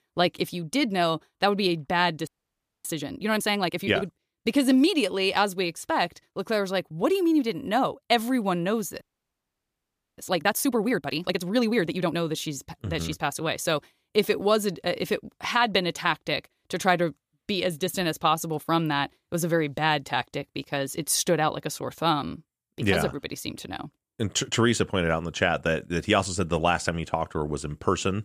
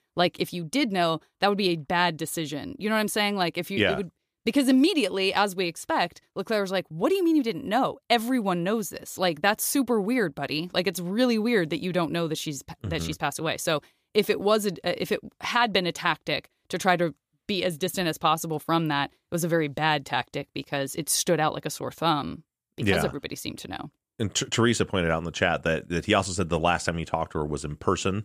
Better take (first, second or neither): second